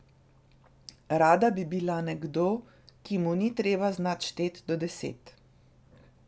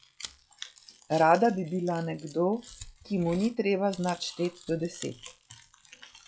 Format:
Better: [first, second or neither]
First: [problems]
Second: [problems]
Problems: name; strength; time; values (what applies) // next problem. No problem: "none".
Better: first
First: none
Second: noise reduction (classical method log-MMSE)